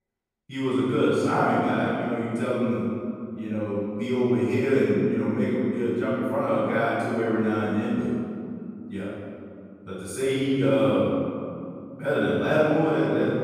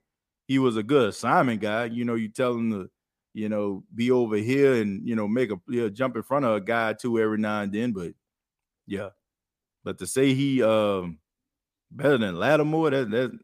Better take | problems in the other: second | off-mic speech; far // room echo; strong; dies away in 2.4 s

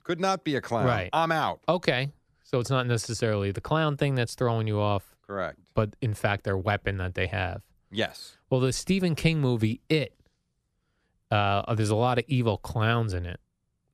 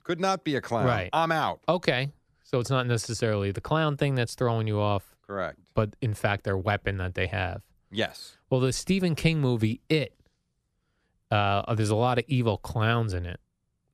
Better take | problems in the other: neither | none

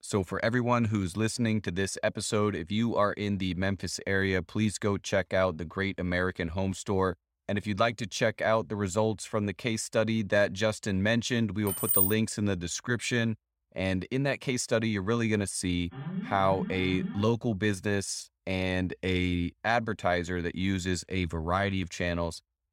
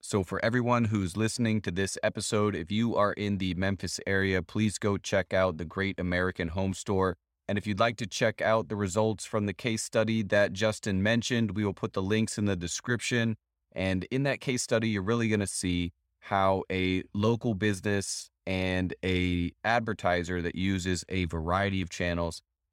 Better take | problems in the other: second | jangling keys; loud; at 12 s; peak 6 dB above the speech // alarm; noticeable; from 16 to 17 s; peak 7 dB below the speech

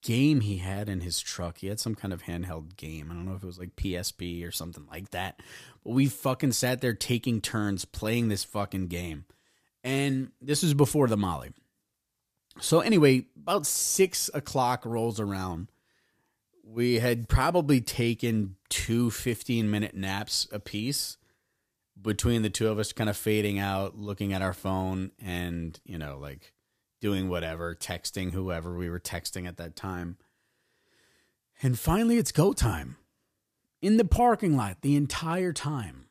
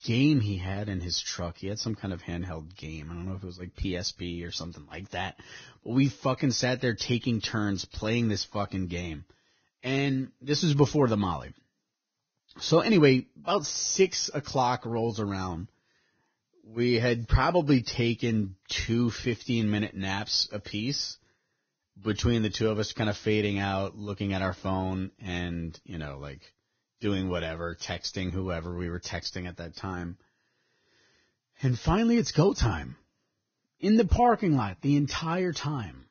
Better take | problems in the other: first | garbled, watery; badly; nothing above 6.5 kHz

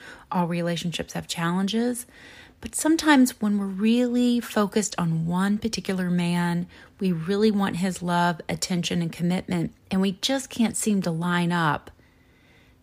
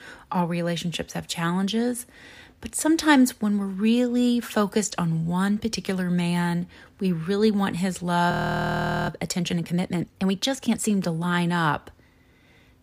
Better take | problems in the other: first | audio freezing; at 8.5 s for 1 s

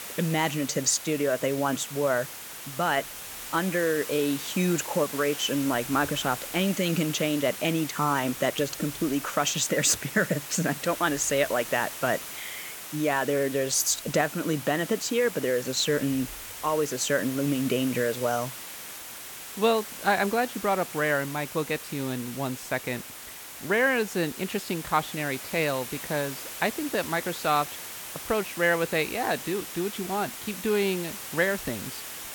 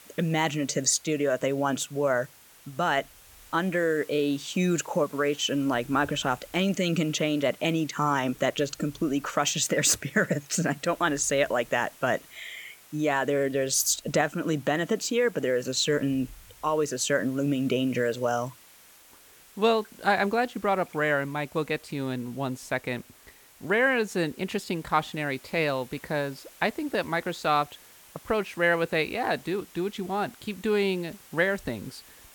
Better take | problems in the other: second | hiss; loud; throughout; 9 dB below the speech; faint in the second

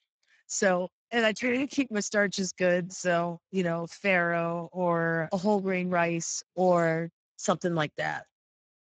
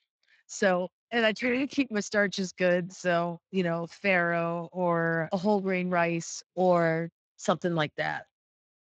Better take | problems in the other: second | garbled, watery; badly; nothing above 7.5 kHz; slightly in the second

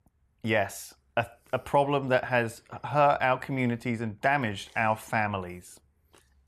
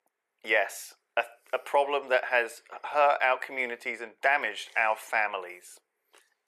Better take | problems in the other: first | thin; very; fading below 450 Hz

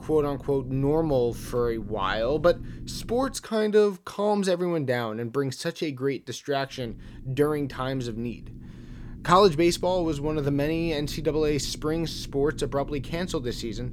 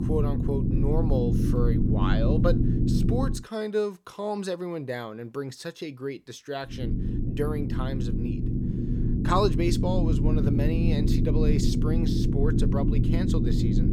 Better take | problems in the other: first | low rumble; loud; until 3.5 s and from 7 s on; 2 dB below the speech; faint in the first

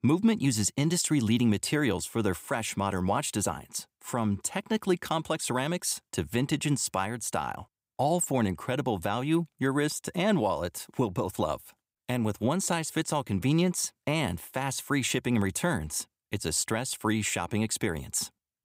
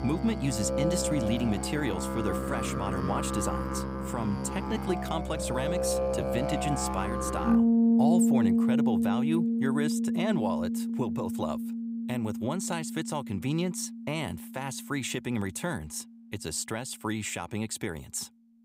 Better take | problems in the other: first | background music; very loud; throughout; 4 dB above the speech

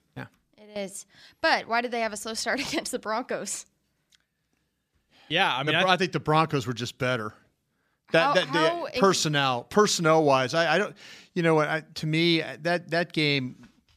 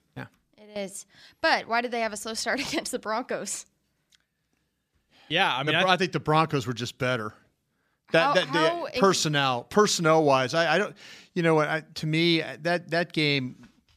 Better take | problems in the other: neither | none

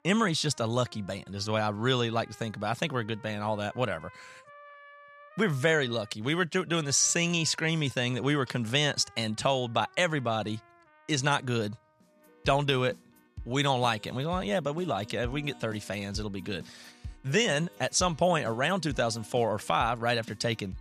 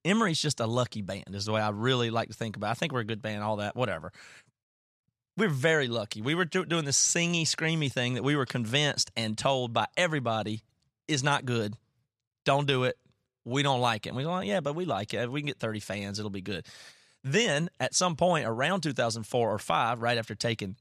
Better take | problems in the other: second | background music; faint; throughout; 20 dB below the speech

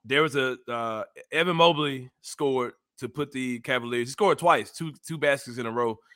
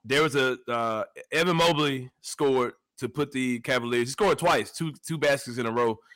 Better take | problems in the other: first | distortion; heavy; 6% of the sound clipped

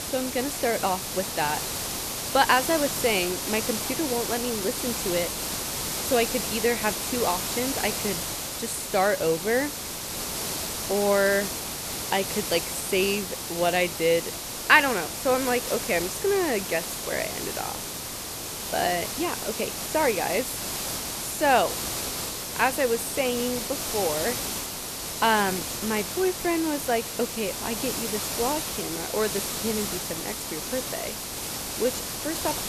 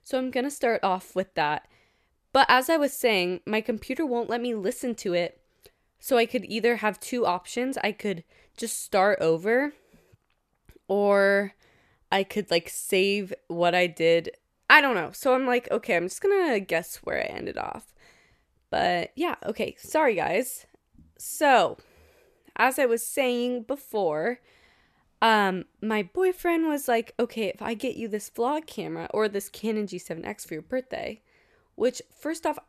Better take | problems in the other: second | hiss; loud; throughout; 3 dB below the speech

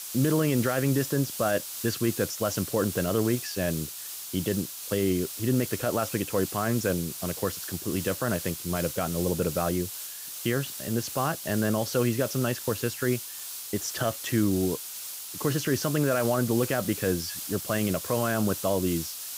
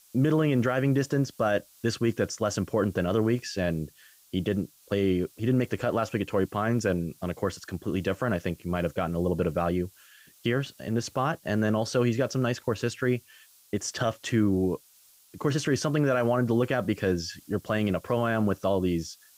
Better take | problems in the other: second | hiss; loud; throughout; 6 dB below the speech; faint in the second

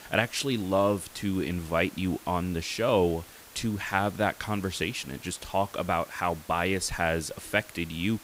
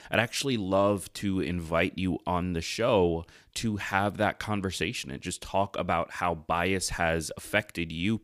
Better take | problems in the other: second | hiss; noticeable; throughout; 20 dB below the speech

